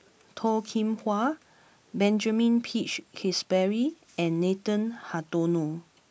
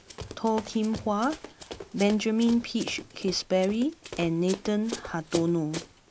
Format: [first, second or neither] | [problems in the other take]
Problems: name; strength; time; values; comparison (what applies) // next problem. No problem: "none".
first | background sound (Run); 13 dB below the speech